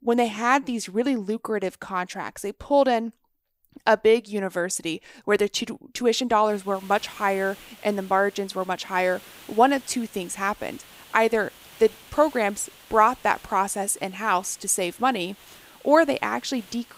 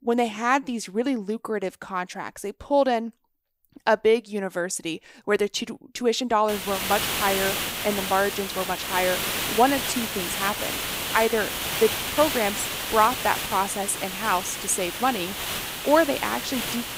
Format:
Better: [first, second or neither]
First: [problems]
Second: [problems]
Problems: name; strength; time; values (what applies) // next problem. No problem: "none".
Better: first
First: hiss; faint; from 6.5 s on; 25 dB below the speech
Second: hiss; loud; from 6.5 s on; 2 dB below the speech